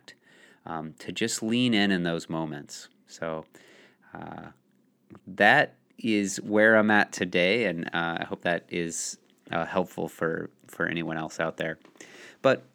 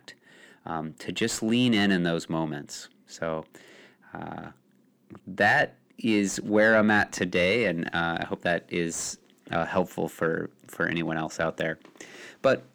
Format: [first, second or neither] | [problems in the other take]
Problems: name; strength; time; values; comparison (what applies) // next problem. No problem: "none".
first | distortion; slight; 10 dB below the speech